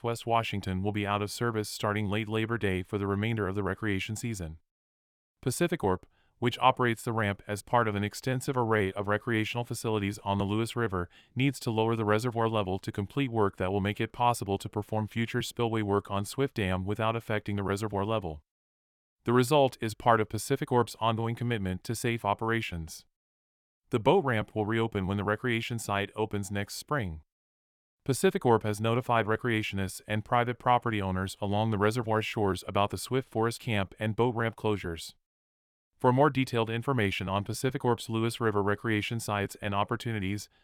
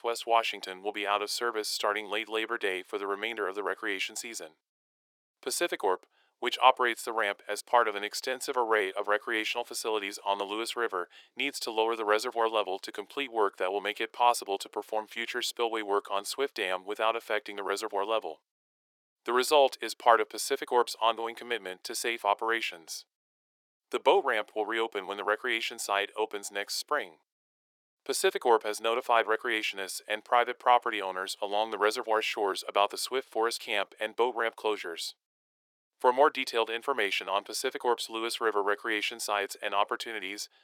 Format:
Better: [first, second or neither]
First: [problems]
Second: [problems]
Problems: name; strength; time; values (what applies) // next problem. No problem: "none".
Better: first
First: none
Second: thin; very; fading below 400 Hz